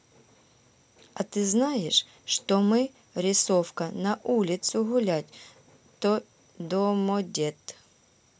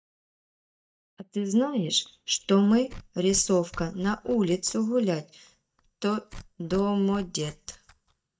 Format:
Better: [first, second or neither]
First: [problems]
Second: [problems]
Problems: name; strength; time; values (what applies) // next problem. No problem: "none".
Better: first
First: none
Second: noise reduction (neural mask model DeepFilterNet 3)